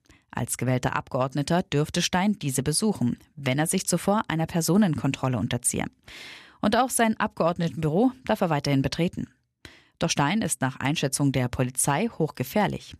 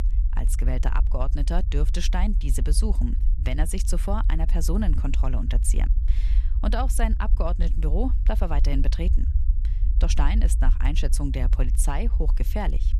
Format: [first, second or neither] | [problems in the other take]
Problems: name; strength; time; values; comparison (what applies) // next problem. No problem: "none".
first | low rumble; noticeable; throughout; 15 dB below the speech